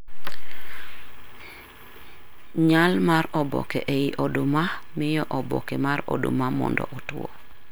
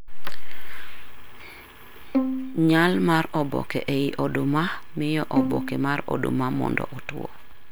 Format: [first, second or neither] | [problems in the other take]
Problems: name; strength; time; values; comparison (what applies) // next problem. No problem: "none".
first | background sound (Bowed string instrument); 8 dB below the speech